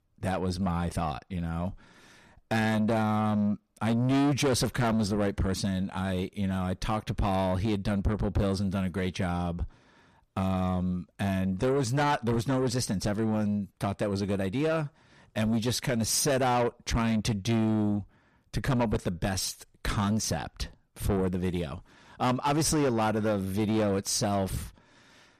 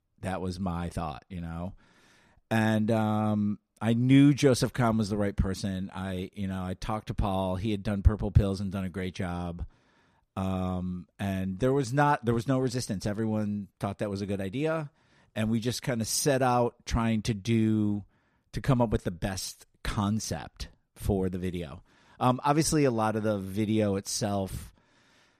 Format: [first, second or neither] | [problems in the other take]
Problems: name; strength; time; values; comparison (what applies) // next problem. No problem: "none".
second | distortion; heavy; 7 dB below the speech